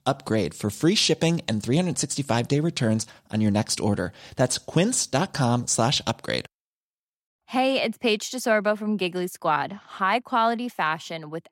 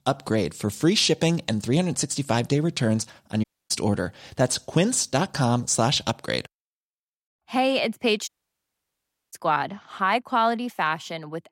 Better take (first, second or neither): first